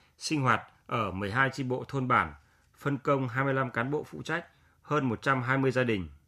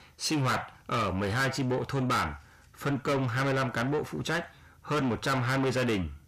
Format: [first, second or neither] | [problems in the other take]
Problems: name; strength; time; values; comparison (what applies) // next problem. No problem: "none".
first | distortion; heavy; 6 dB below the speech